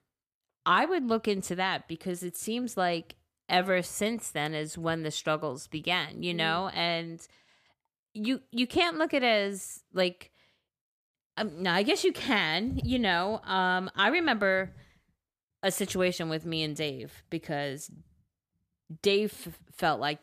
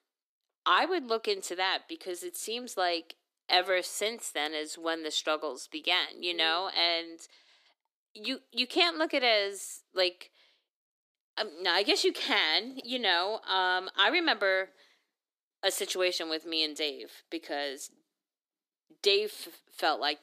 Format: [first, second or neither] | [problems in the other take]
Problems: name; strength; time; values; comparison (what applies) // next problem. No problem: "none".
first | thin; somewhat; fading below 300 Hz